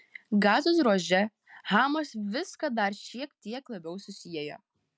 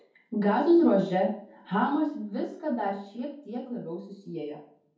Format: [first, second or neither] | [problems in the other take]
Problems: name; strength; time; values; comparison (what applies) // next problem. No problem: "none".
first | room echo; dies away in 0.6 s